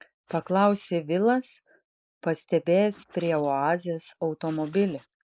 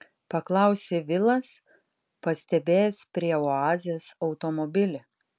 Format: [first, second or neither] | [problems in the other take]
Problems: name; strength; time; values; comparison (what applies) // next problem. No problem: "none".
second | noise reduction (neural mask model Resemble Enhance denoiser)